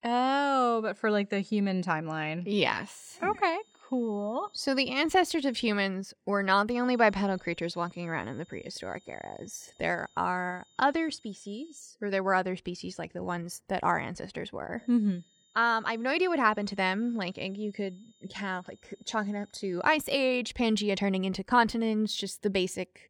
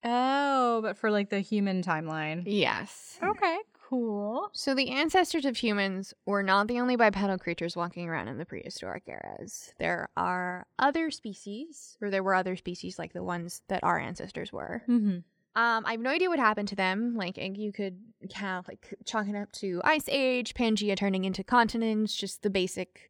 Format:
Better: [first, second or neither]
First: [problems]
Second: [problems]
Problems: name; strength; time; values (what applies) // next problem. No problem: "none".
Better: second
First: high-pitched whine; faint; from 2.5 to 5.5 s, from 6.5 to 12 s and from 15 to 20 s; 3.5 kHz, 35 dB below the speech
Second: none